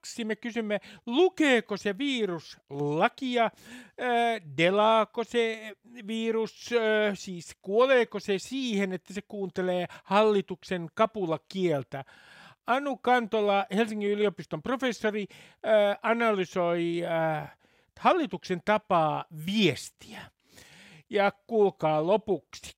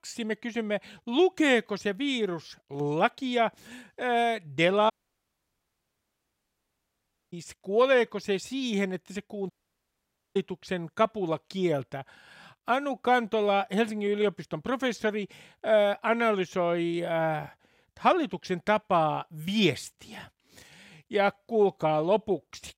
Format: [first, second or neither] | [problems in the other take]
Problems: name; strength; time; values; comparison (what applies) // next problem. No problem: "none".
first | audio cutting out; at 5 s for 2.5 s and at 9.5 s for 1 s